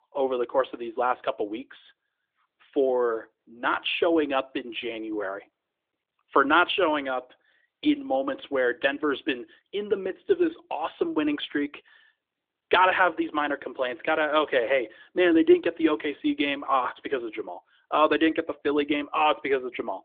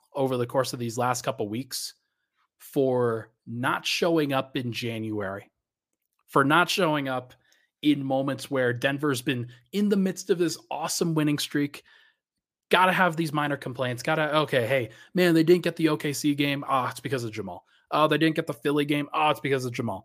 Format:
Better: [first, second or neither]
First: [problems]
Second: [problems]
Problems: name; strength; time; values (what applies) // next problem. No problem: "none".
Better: second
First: phone-call audio; nothing above 3.5 kHz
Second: none